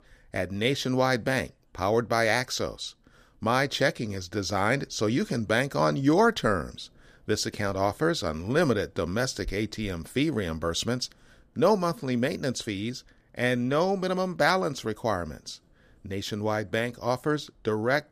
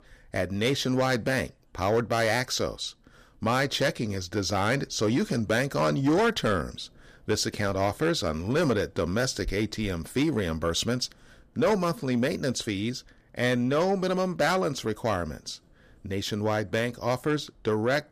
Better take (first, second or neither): first